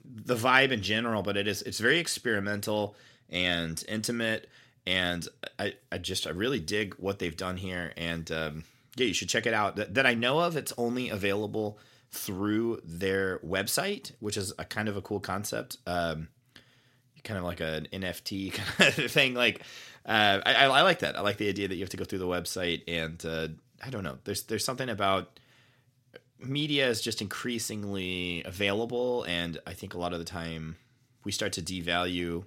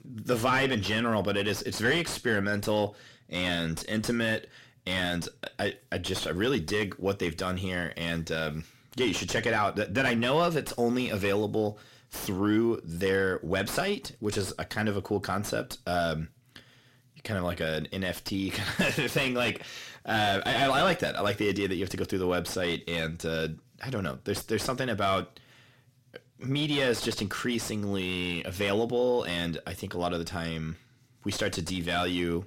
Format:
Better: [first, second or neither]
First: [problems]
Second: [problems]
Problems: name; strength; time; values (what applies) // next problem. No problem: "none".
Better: first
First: none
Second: distortion; heavy; 6 dB below the speech